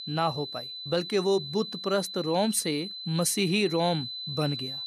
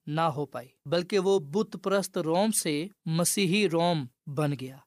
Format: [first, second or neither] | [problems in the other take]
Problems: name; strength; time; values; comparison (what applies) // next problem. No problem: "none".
second | high-pitched whine; loud; throughout; 4 kHz, 7 dB below the speech